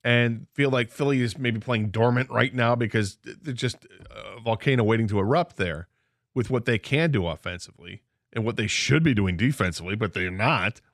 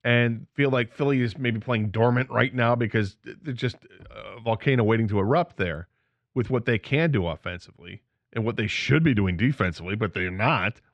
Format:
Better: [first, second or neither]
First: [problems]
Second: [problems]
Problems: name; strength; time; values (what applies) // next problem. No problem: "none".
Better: first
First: none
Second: muffled; slightly; fading above 3.5 kHz